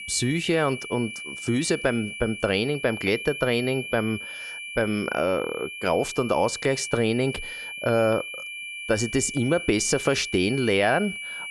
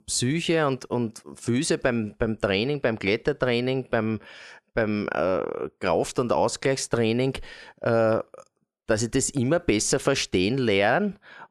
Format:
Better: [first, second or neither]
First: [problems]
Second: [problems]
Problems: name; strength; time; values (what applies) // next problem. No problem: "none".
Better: second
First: high-pitched whine; loud; throughout; 2.5 kHz, 9 dB below the speech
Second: none